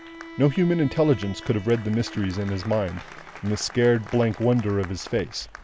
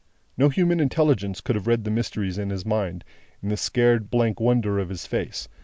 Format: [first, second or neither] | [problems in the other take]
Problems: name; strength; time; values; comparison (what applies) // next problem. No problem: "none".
second | background sound (Applause + Bowed string instrument); 18 dB below the speech